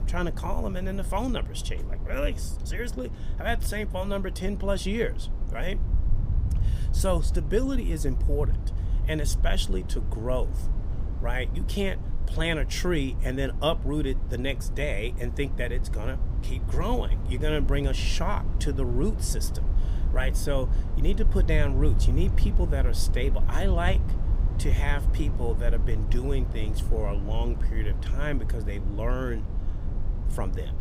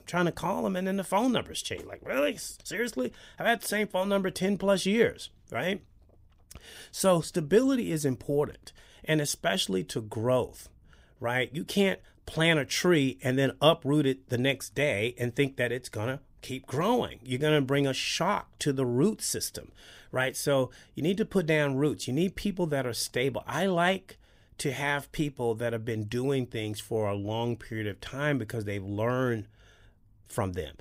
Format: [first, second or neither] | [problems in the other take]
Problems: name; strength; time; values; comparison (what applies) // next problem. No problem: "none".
second | low rumble; noticeable; throughout; 10 dB below the speech